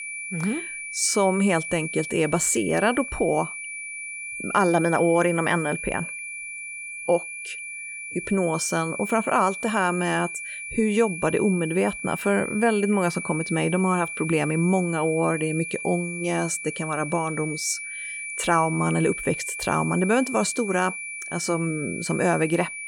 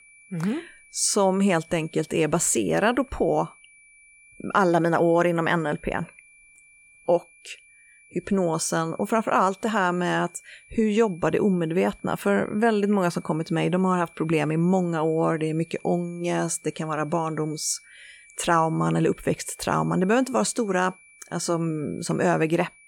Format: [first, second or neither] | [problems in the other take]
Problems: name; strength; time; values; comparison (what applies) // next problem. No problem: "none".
second | high-pitched whine; loud; throughout; 2.5 kHz, 7 dB below the speech; faint in the second